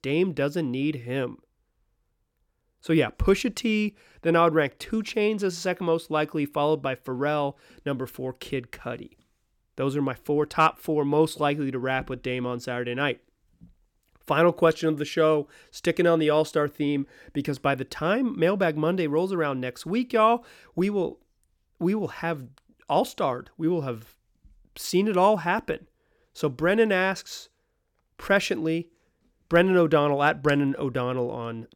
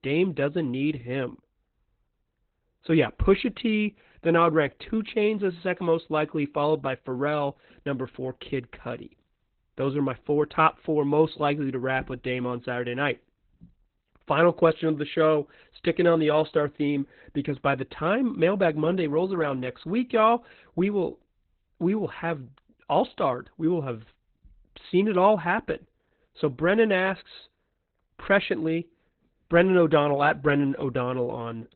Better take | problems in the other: first | garbled, watery; badly; nothing above 4 kHz

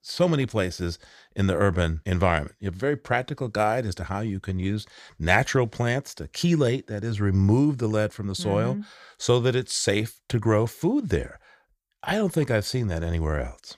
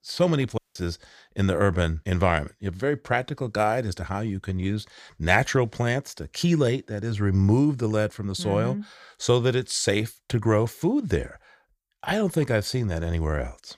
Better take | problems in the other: first | audio cutting out; at 0.5 s

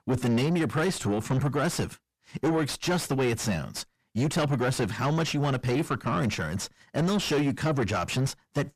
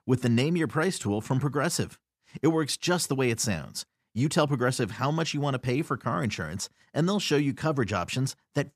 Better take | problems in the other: second | distortion; heavy; 7 dB below the speech

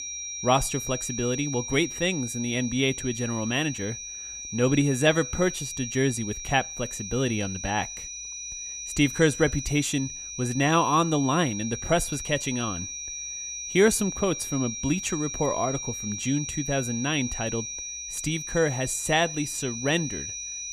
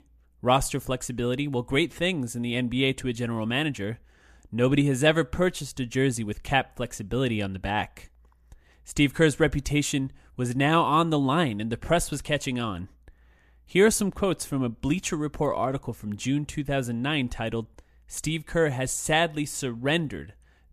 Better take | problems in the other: second | high-pitched whine; loud; throughout; 6 kHz, 7 dB below the speech

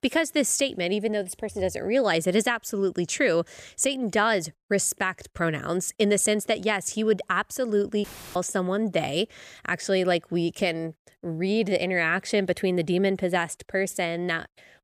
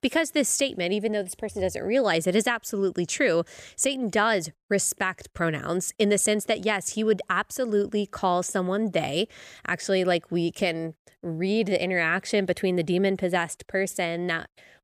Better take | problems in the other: second | audio cutting out; filled with static; at 8 s

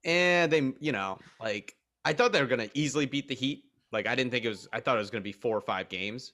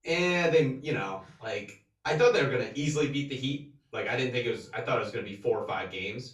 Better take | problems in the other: first | room echo; slight; dies away in 0.3 s // off-mic speech; far

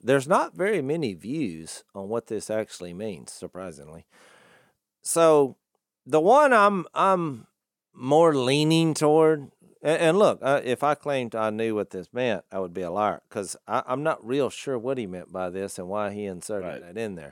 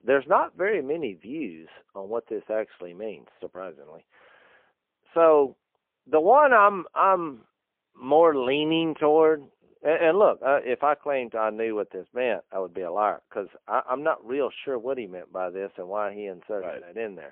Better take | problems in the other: first | phone-call audio; poor line; nothing above 3 kHz

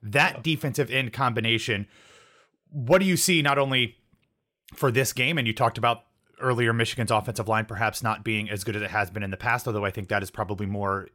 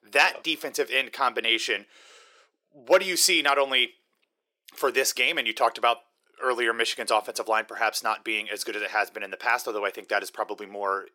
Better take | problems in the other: first | thin; very; fading below 350 Hz

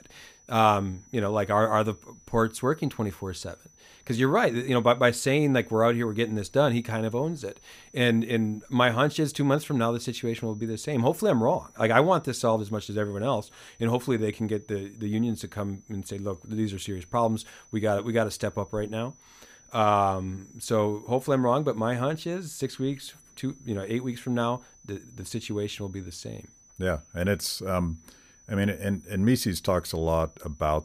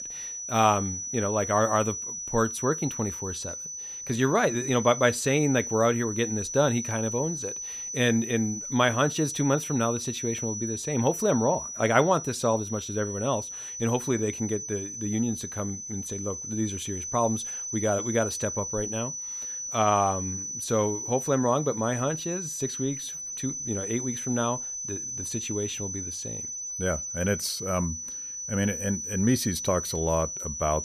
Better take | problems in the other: first | high-pitched whine; loud; throughout; 6 kHz, 5 dB below the speech; faint in the first

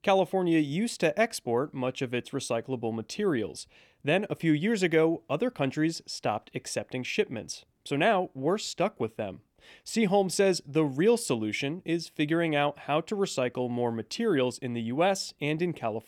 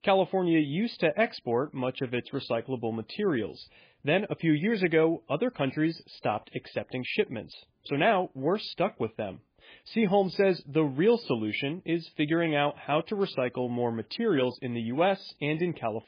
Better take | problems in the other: first | garbled, watery; badly; nothing above 5 kHz

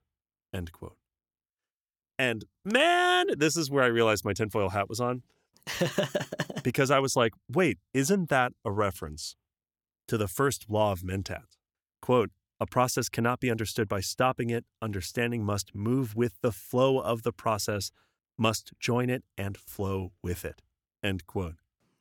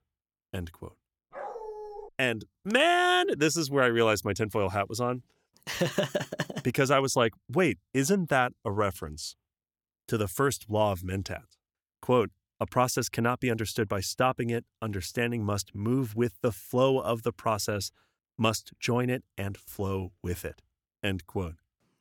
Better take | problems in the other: first | dog barking; faint; at 1.5 s; peak 10 dB below the speech

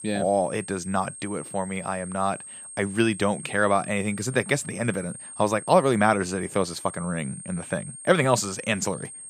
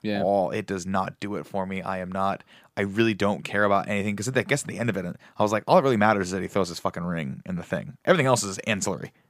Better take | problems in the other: second | high-pitched whine; noticeable; throughout; 8.5 kHz, 15 dB below the speech

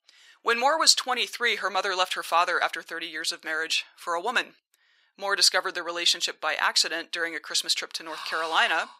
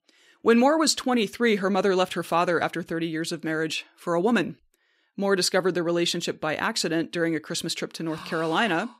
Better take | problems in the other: second | thin; very; fading below 950 Hz

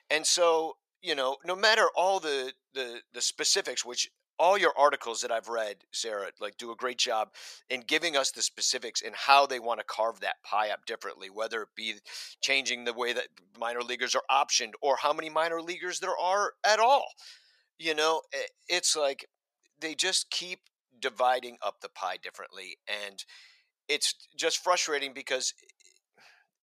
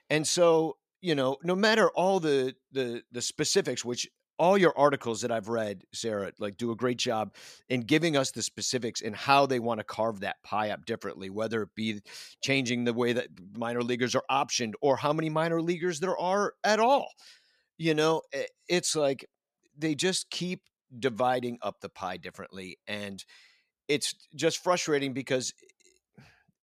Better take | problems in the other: second | thin; very; fading below 700 Hz

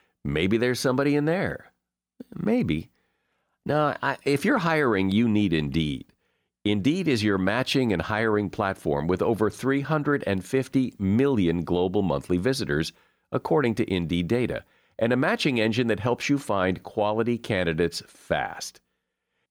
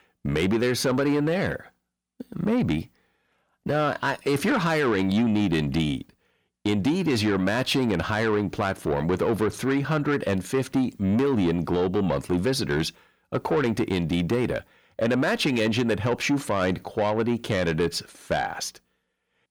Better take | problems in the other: first | distortion; slight; 10 dB below the speech

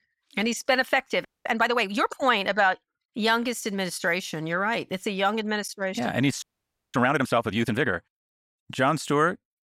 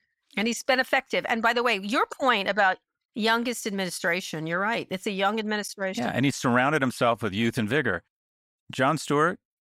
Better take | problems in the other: second | audio freezing; at 1.5 s and at 6.5 s for 0.5 s

